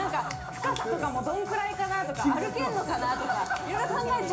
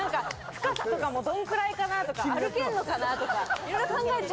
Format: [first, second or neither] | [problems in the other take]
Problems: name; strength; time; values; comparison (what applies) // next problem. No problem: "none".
second | background sound (Wind instrument, woodwind instrument); 11 dB below the speech // room echo; dies away in 0.4 s